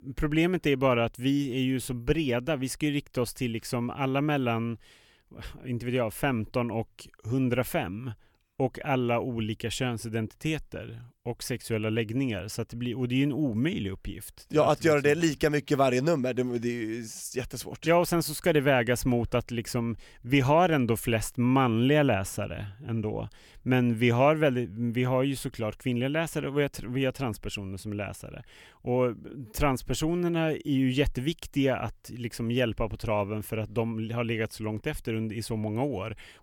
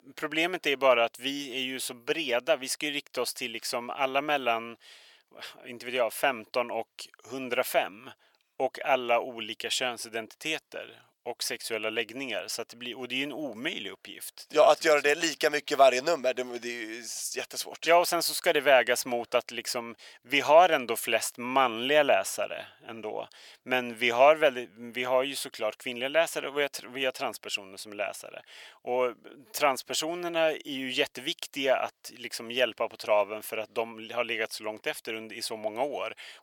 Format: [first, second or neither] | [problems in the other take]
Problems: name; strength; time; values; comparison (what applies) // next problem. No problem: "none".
first | thin; very; fading below 550 Hz